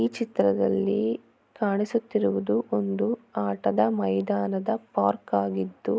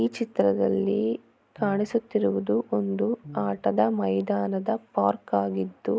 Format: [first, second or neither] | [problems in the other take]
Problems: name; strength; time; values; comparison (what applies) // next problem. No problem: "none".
first | background sound (Brass instrument); 19 dB below the speech